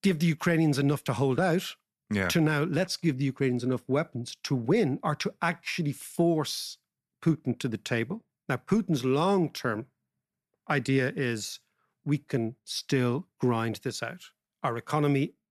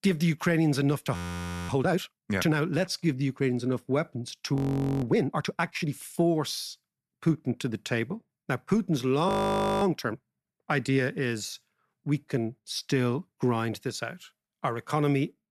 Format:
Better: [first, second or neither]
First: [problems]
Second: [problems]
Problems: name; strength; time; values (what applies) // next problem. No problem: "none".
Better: first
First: none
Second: audio freezing; at 1 s for 0.5 s, at 4.5 s and at 9.5 s for 0.5 s